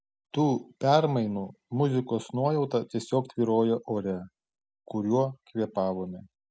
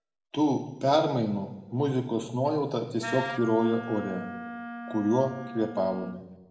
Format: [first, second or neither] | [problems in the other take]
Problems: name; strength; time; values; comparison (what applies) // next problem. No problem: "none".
first | background sound (Wind instrument, woodwind instrument); 10 dB below the speech // room echo; dies away in 0.9 s